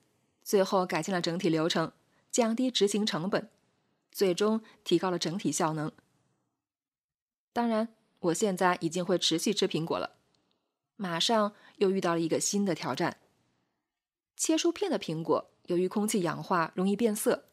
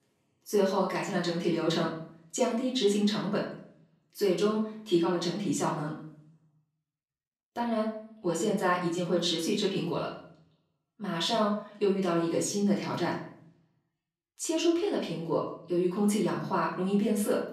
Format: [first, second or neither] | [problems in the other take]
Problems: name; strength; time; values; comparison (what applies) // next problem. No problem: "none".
first | off-mic speech; far // room echo; noticeable; dies away in 0.5 s